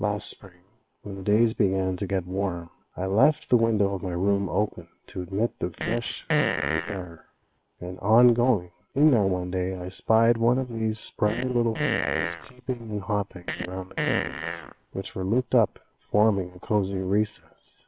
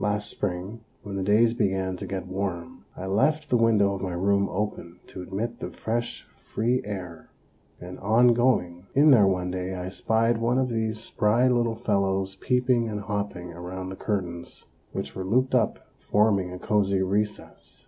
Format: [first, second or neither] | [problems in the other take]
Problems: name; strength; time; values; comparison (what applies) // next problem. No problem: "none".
second | noise reduction (neural separator model SepFormer WHAM!)